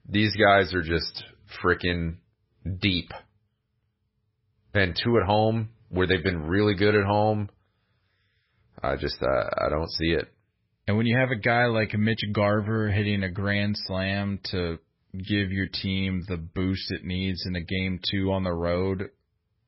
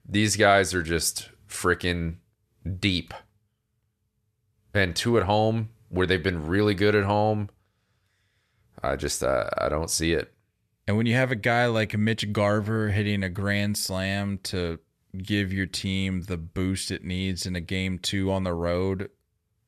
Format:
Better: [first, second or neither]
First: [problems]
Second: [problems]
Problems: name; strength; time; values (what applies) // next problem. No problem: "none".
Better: second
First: garbled, watery; badly; nothing above 5.5 kHz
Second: none